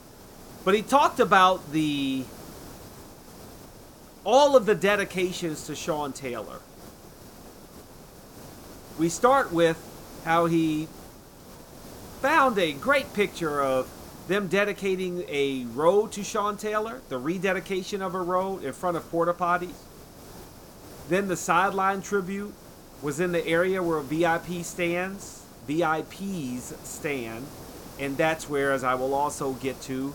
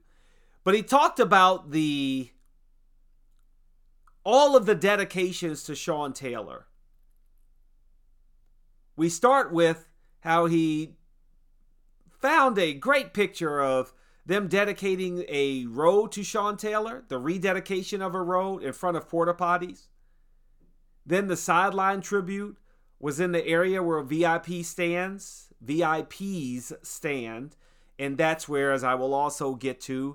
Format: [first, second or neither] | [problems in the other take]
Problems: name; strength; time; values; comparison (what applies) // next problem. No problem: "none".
second | hiss; noticeable; throughout; 20 dB below the speech